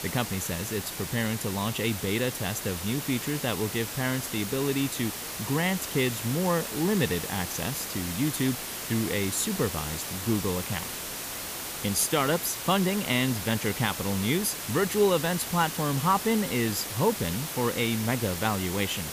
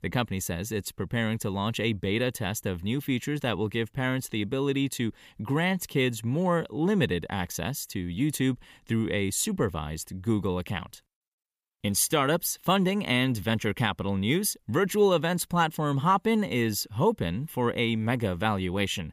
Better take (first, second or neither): second